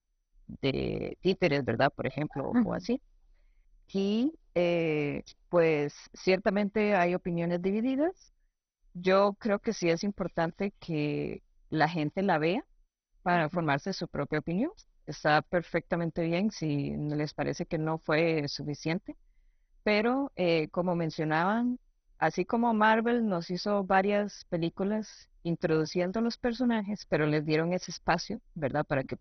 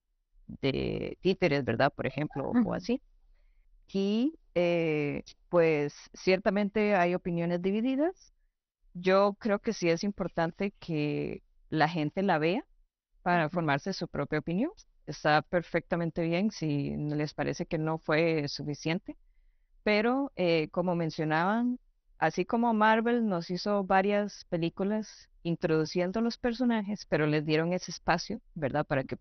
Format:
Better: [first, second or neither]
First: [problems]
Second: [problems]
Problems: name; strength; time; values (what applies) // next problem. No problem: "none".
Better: second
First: garbled, watery; badly; nothing above 6 kHz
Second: garbled, watery; slightly; nothing above 6 kHz